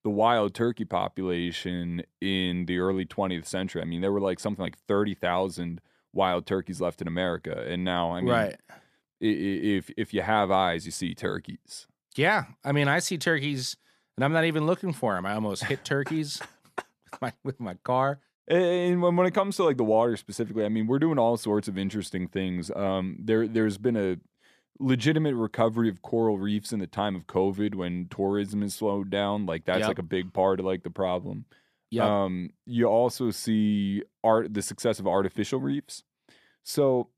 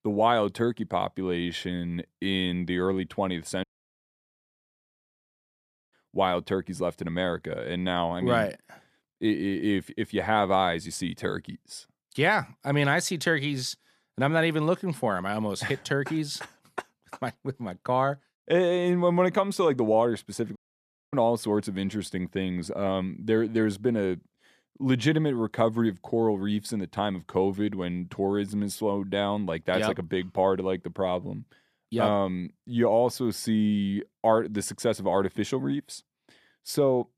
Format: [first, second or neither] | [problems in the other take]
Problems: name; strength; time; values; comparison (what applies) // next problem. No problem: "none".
first | audio cutting out; at 3.5 s for 2.5 s and at 21 s for 0.5 s